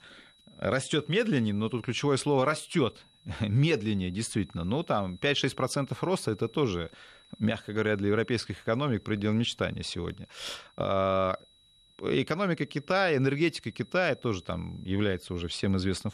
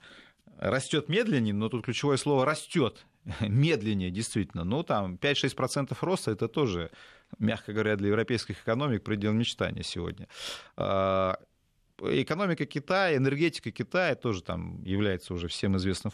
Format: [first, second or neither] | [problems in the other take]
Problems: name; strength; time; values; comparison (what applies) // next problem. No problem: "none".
second | high-pitched whine; faint; throughout; 4 kHz, 30 dB below the speech